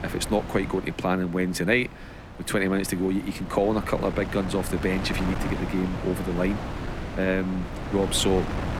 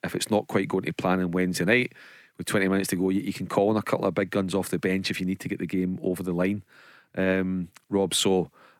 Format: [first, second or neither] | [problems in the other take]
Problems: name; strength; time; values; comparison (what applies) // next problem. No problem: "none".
second | wind noise on the microphone; heavy; 9 dB below the speech